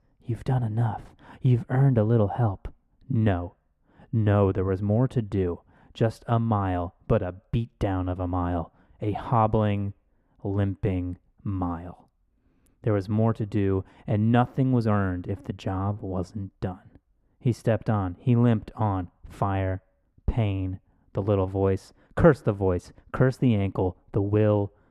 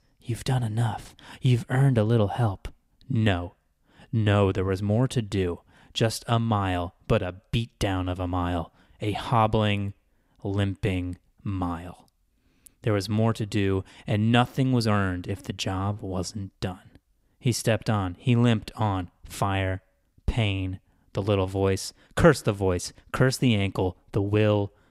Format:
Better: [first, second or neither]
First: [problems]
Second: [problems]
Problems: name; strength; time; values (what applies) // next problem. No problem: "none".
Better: second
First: muffled; very; fading above 2 kHz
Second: none